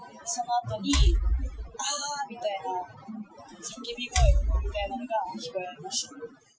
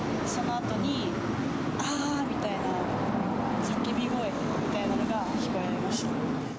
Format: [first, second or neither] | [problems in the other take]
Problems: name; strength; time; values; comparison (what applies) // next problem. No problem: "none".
second | noise reduction (classical method Wiener filter)